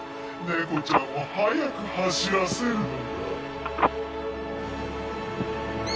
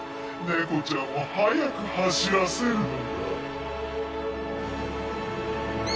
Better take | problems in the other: second | background sound (Telephone); 5 dB below the speech

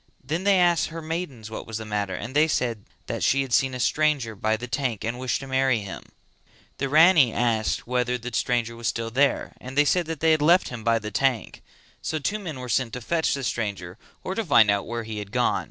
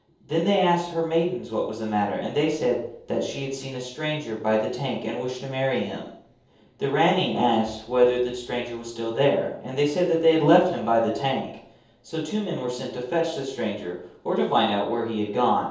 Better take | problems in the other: first | room echo; dies away in 0.7 s

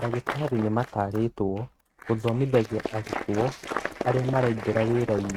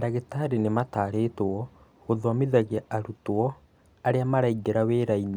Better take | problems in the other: second | noise reduction (neural mask model RNNoise)

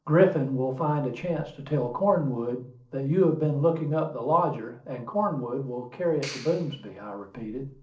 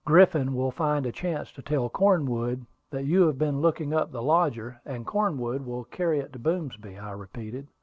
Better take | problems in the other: second | noise reduction (neural separator model SepFormer DNS4)

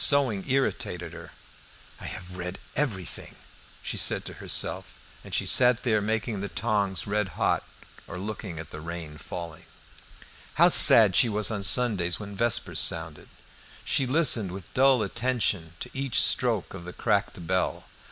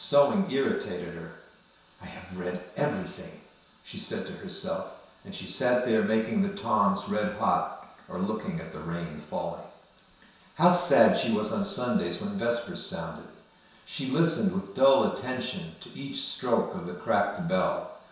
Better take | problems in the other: first | room echo; dies away in 0.7 s

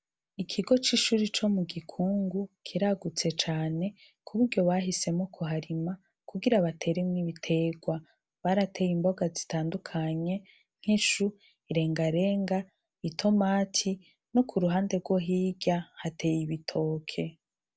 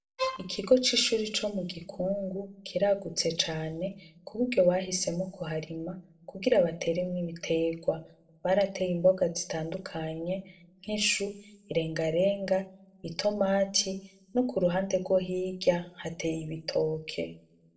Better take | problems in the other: first | noise reduction (neural separator model SepFormer DNS4)

